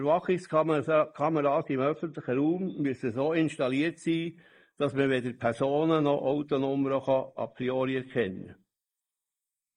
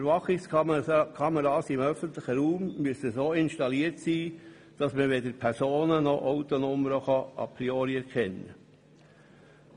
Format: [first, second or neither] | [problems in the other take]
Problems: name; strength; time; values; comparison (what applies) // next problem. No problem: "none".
second | noise reduction (neural mask model Resemble Enhance denoiser)